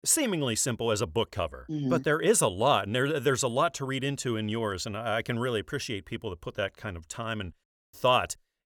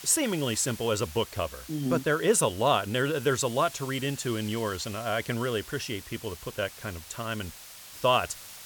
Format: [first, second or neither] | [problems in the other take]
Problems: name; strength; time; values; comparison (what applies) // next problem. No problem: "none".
first | hiss; noticeable; throughout; 15 dB below the speech